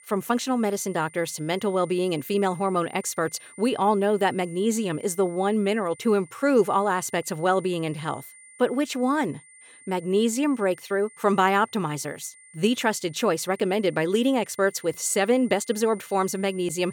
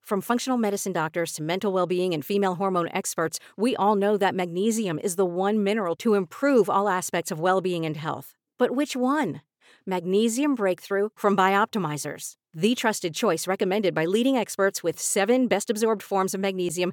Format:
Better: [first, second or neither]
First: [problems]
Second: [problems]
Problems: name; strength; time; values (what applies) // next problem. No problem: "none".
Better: second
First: high-pitched whine; faint; throughout; 9 kHz, 20 dB below the speech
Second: none